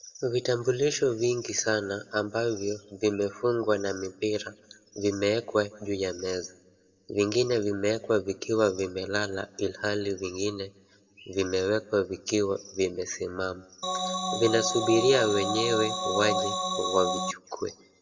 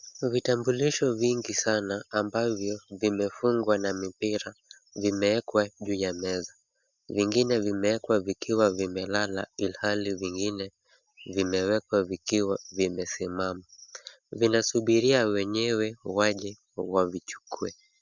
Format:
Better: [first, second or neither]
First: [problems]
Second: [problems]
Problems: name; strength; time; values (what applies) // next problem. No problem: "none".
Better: second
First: background sound (Organ); 1 dB below the speech // room echo; dies away in 0.6 s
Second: none